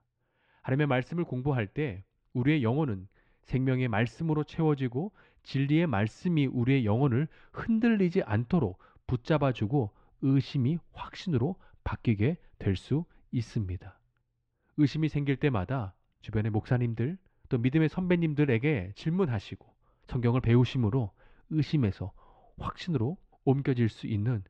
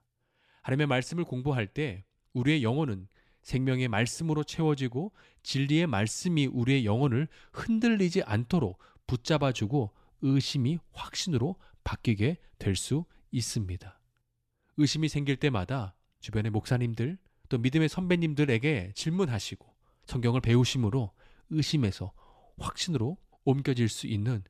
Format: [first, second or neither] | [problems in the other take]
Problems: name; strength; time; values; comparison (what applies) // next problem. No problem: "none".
second | muffled; slightly; fading above 2 kHz